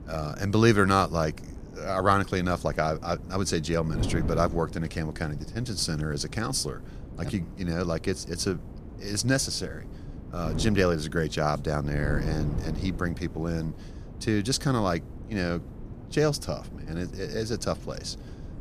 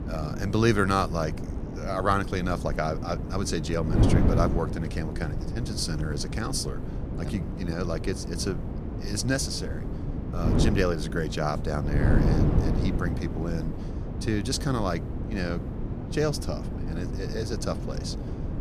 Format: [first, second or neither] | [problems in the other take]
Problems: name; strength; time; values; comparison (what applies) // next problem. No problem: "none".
first | wind noise on the microphone; heavy; 7 dB below the speech; occasional gusts in the first